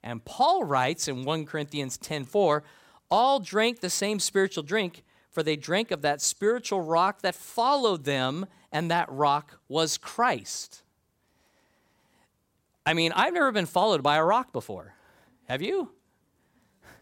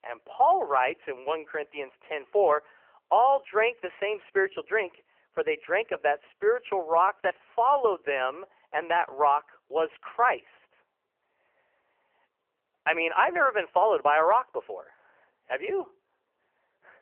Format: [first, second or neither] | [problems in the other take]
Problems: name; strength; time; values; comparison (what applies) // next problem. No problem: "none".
first | phone-call audio; poor line; nothing above 3 kHz